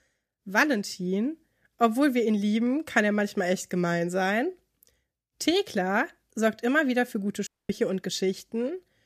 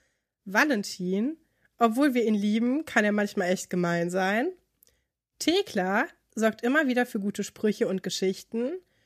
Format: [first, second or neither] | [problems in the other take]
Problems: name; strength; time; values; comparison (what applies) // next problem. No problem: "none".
second | audio cutting out; at 7.5 s